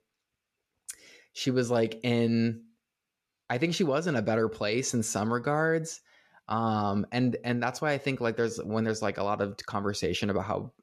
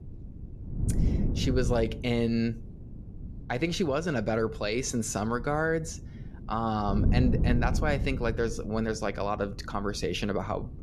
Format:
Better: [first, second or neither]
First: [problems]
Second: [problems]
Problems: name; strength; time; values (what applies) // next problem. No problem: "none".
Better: first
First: none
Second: wind noise on the microphone; occasional gusts; 15 dB below the speech